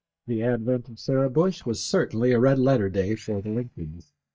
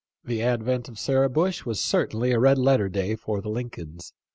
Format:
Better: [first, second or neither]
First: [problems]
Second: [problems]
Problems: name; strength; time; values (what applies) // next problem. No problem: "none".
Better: second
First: noise reduction (neural mask model DeepFilterNet 3)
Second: none